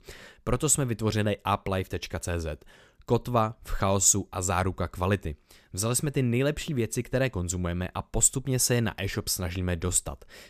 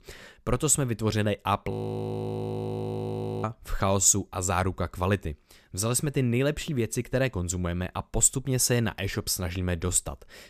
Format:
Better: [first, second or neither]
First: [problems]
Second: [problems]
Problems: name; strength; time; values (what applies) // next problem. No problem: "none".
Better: first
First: none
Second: audio freezing; at 1.5 s for 1.5 s